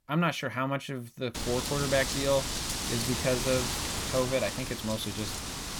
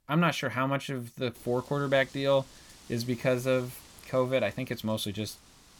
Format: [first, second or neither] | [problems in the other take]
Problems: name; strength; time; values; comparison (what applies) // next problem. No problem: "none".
second | wind noise on the microphone; heavy; from 1.5 s on; 2 dB below the speech; occasional gusts in the second